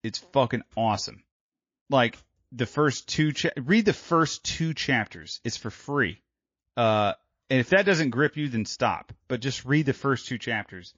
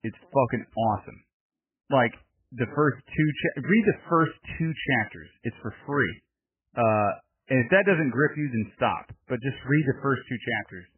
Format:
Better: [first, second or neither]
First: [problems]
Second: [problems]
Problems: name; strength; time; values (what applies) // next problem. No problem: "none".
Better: first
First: garbled, watery; slightly; nothing above 6.5 kHz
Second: garbled, watery; badly; nothing above 3 kHz